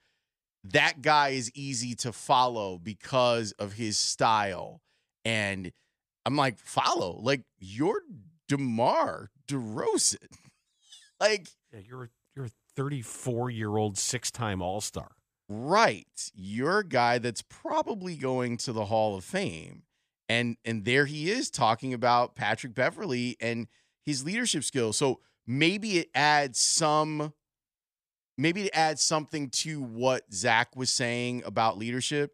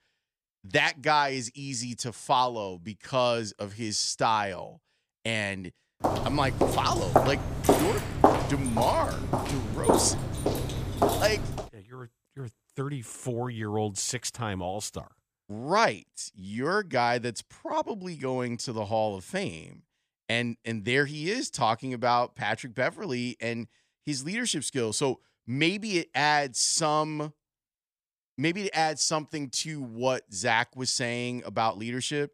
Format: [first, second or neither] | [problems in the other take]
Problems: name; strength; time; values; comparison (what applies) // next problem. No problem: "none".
first | footsteps; loud; from 6 to 11 s; peak 6 dB above the speech